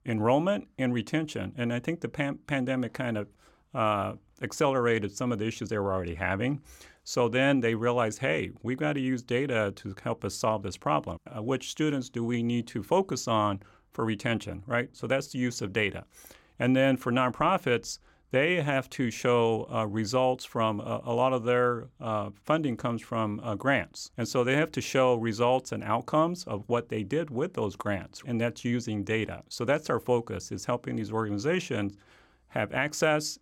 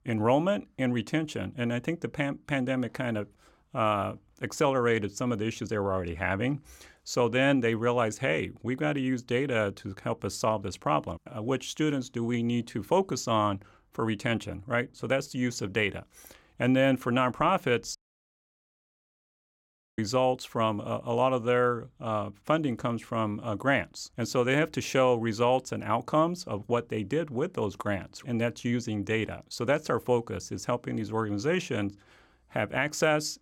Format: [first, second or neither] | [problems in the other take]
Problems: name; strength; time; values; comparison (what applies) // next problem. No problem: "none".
first | audio cutting out; at 18 s for 2 s